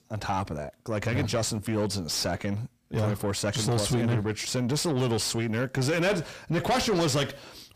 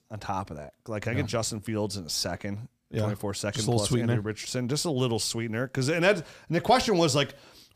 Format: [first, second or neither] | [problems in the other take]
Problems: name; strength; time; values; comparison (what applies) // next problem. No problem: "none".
second | distortion; heavy; 7 dB below the speech